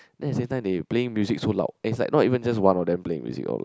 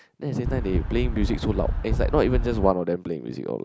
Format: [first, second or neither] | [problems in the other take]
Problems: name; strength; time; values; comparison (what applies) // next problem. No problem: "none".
first | background sound (Wind); as loud as the speech